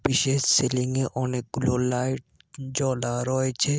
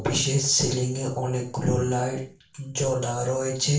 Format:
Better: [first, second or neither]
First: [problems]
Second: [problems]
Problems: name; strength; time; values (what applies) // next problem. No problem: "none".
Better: first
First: none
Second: room echo; dies away in 0.4 s